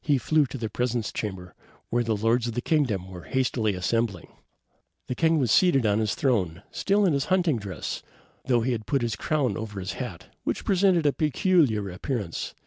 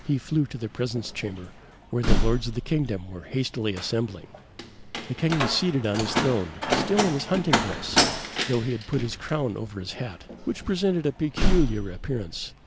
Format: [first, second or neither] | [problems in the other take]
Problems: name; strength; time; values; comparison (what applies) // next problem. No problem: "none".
first | background sound (Slam); as loud as the speech